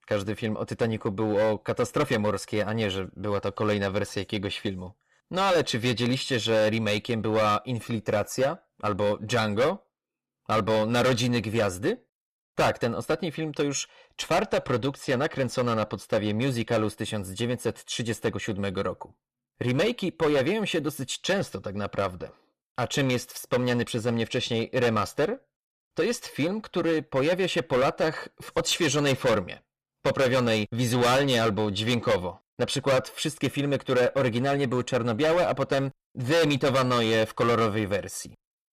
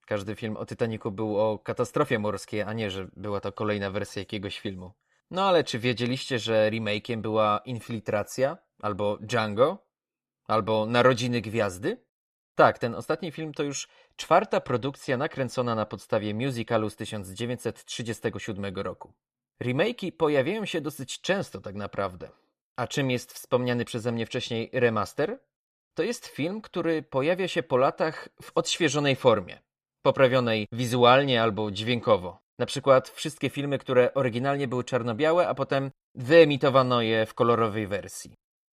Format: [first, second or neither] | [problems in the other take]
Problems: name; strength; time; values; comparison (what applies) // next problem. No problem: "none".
second | distortion; heavy; 9% of the sound clipped